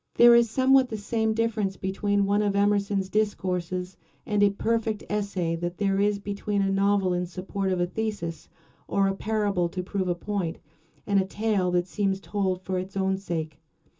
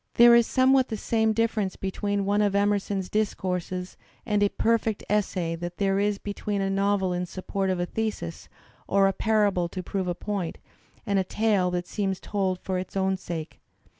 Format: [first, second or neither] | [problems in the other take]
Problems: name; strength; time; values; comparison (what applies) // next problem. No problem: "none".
second | room echo; dies away in 0.2 s